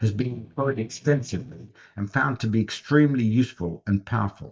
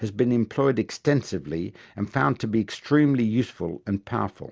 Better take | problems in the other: second | noise reduction (neural mask model DeepFilterNet 3)

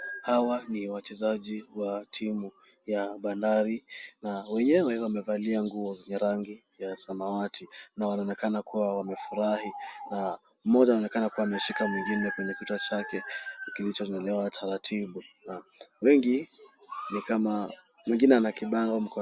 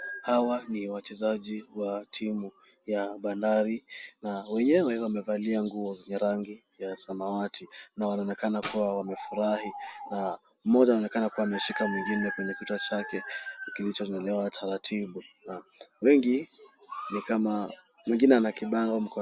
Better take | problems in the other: first | background sound (Tambourine); 16 dB below the speech

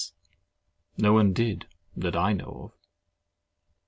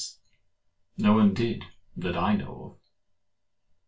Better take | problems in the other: first | room echo; dies away in 0.2 s

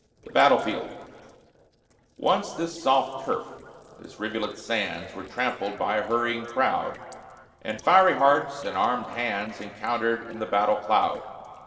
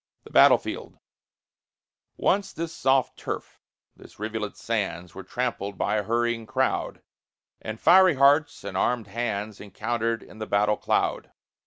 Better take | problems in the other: second | noise reduction (neural separator model SepFormer DNS4)

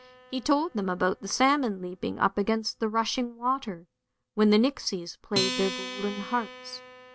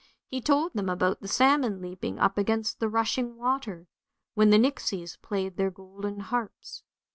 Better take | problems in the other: second | background sound (Acoustic guitar); 12 dB below the speech

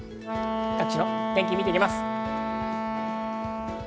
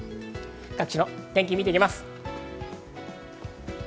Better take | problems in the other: second | background sound (Wind instrument, woodwind instrument); 2 dB above the speech

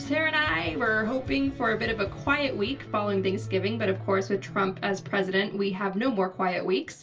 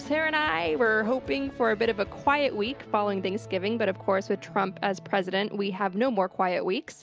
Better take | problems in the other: second | room echo; dies away in 0.2 s

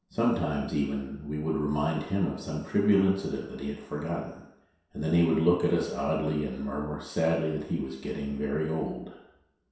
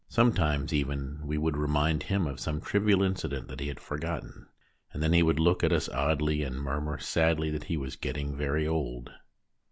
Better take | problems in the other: second | room echo; dies away in 0.7 s

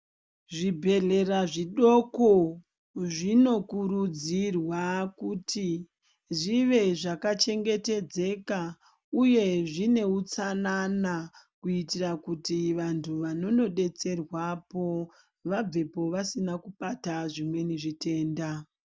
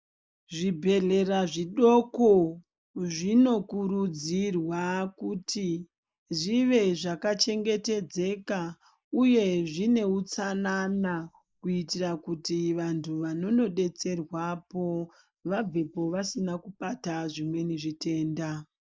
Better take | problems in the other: first | noise reduction (neural mask model Resemble Enhance denoiser)

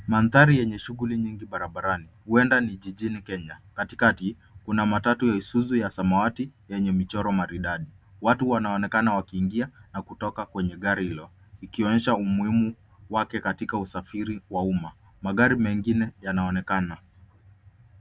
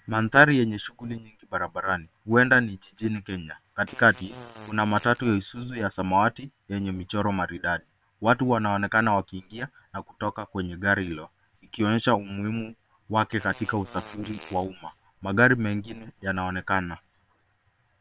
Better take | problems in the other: first | noise reduction (neural separator model SepFormer WHAM!)

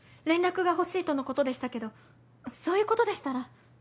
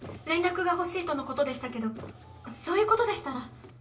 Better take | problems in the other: first | background sound (Car); 19 dB below the speech // room echo; dies away in 0.2 s

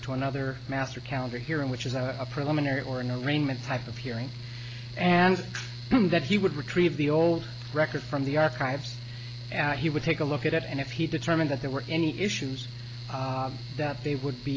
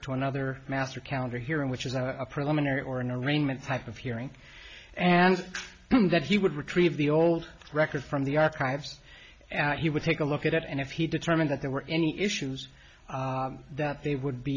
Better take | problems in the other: second | background sound (Mechanical fan); 10 dB below the speech

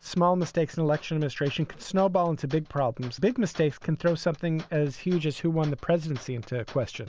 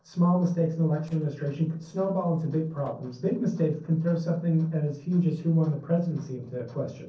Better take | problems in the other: first | noise reduction (neural separator model SepFormer DNS4)

